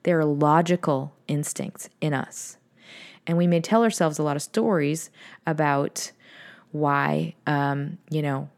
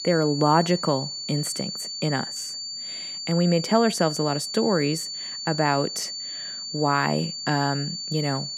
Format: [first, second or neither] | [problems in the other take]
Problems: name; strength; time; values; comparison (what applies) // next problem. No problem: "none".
first | high-pitched whine; loud; throughout; 4.5 kHz, 6 dB below the speech